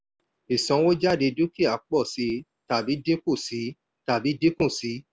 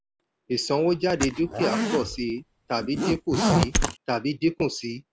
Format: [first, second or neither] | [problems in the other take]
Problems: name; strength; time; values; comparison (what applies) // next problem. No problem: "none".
first | background sound (Zipper (clothing)); as loud as the speech